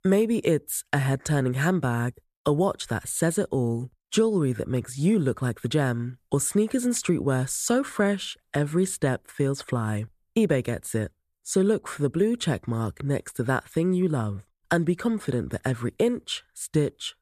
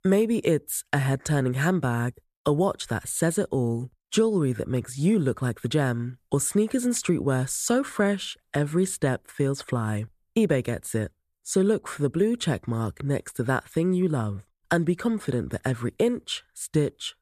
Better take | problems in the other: neither | none

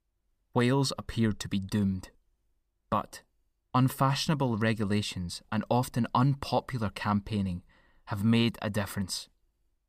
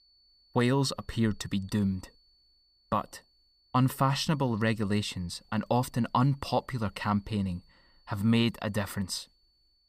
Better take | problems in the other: first | high-pitched whine; faint; throughout; 4.5 kHz, 35 dB below the speech

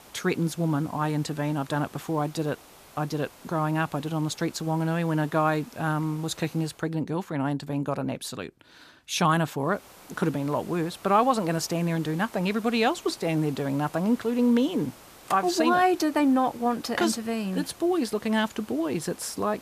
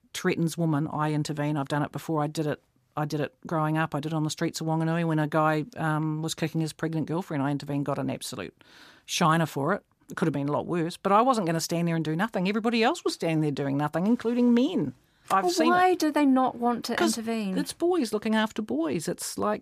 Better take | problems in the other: second | hiss; faint; until 7 s and from 9.5 s on; 20 dB below the speech

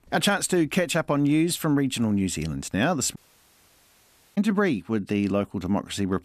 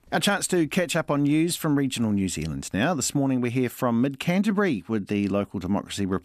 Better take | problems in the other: second | audio cutting out; at 3 s for 1 s

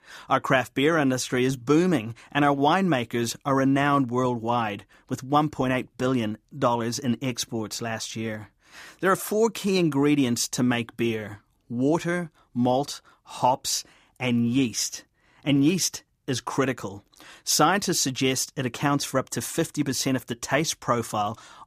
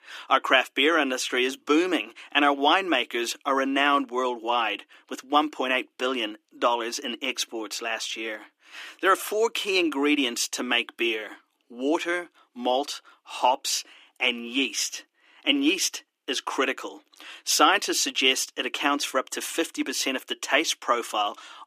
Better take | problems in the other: first | thin; somewhat; fading below 300 Hz

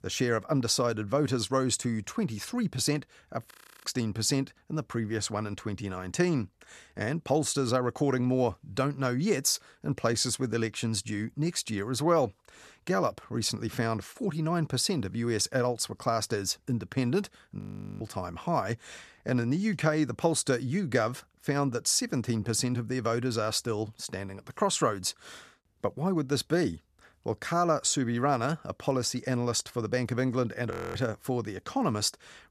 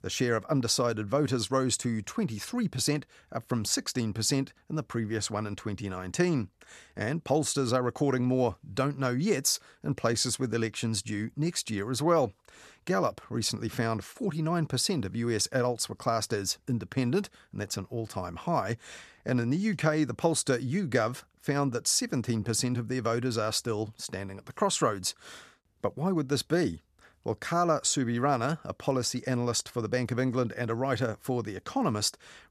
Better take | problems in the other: second | audio freezing; at 3.5 s, at 18 s and at 31 s

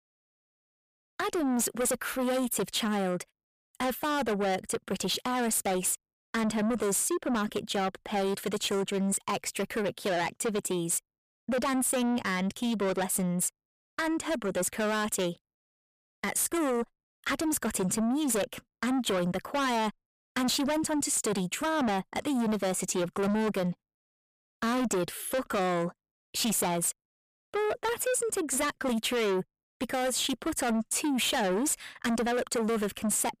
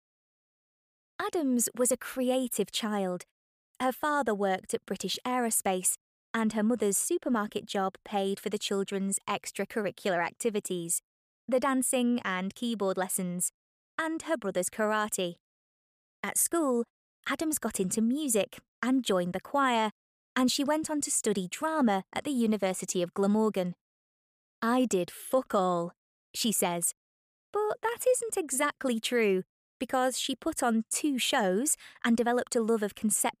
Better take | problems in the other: second | distortion; heavy; 7 dB below the speech

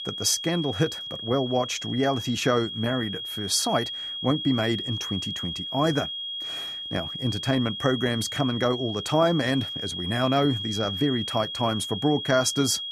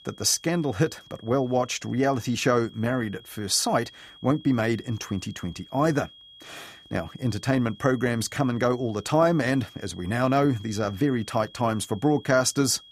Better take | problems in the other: second | high-pitched whine; loud; throughout; 3.5 kHz, 5 dB below the speech; faint in the second

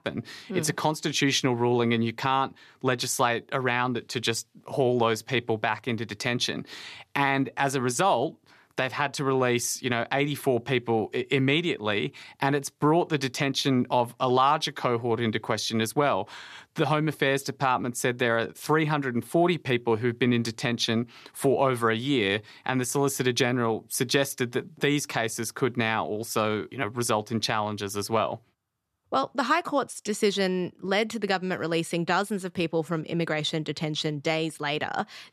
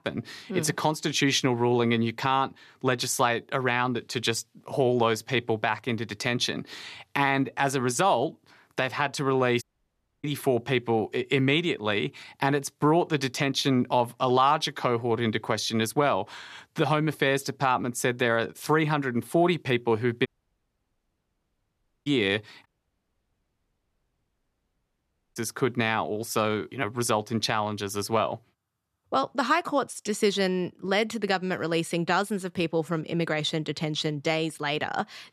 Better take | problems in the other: first | audio cutting out; at 9.5 s for 0.5 s, at 20 s for 2 s and at 23 s for 2.5 s

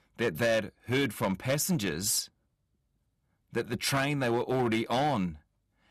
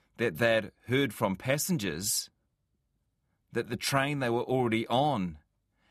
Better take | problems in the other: second | distortion; slight; 6% of the sound clipped

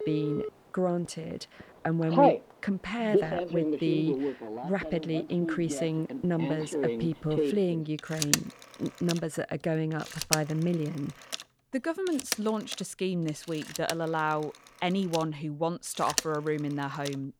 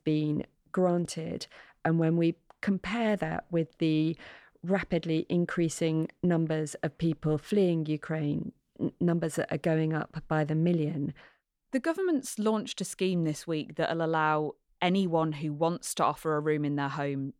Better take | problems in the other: second | alarms or sirens; loud; throughout; 1 dB below the speech

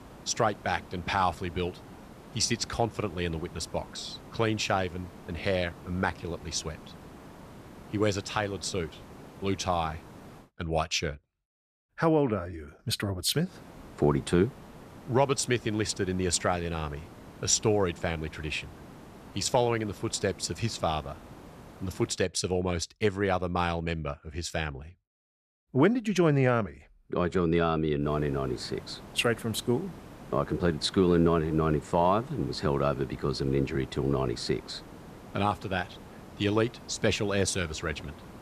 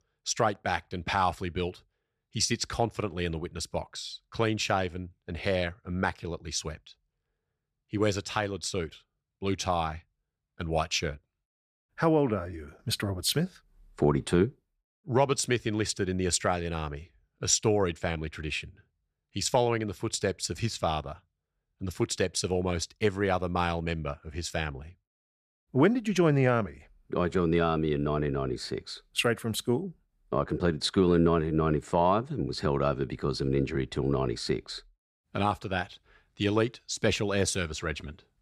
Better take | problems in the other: second | hiss; noticeable; until 10 s, from 13 to 22 s and from 28 s on; 20 dB below the speech

